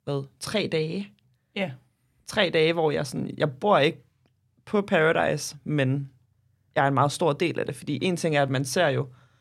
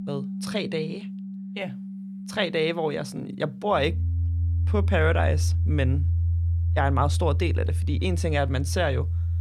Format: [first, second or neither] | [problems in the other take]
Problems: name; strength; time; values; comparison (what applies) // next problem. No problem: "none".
first | background music; very loud; throughout; 1 dB above the speech